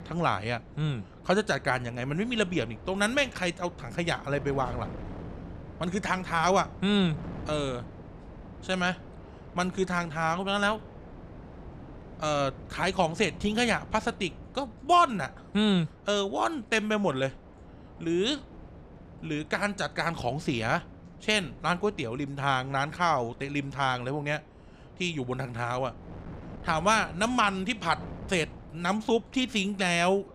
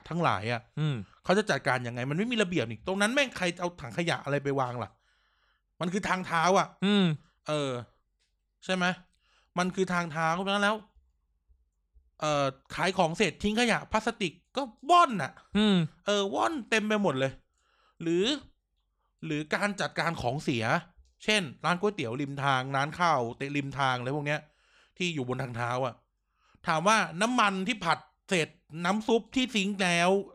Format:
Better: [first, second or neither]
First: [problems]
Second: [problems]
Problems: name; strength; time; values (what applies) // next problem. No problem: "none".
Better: second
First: wind noise on the microphone; occasional gusts; 20 dB below the speech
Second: none